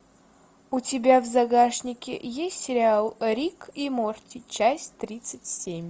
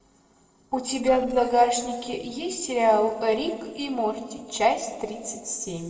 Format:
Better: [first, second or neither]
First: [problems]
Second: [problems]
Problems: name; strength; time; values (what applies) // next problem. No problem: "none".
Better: first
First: none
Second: noise reduction (neural separator model SepFormer DNS4)